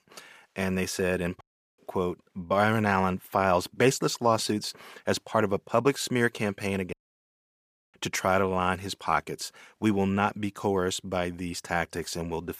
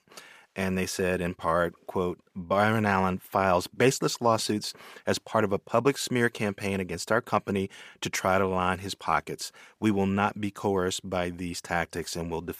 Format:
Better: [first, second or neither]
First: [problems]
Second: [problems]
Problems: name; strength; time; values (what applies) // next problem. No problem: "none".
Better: second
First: audio cutting out; at 1.5 s and at 7 s for 1 s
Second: none